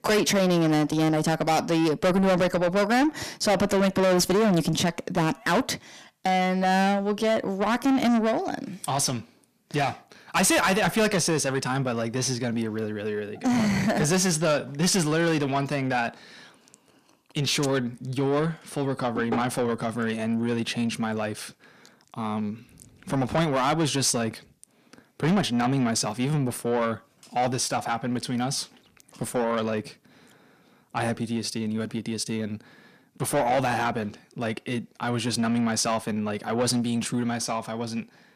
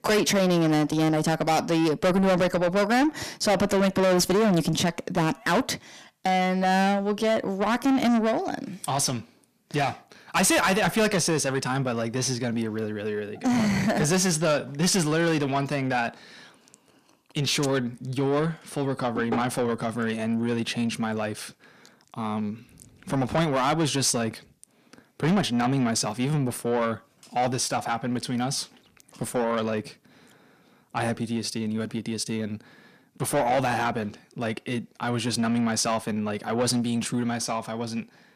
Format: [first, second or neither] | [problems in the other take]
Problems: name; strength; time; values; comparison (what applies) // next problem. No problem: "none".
neither | distortion; heavy; 6 dB below the speech; the same in both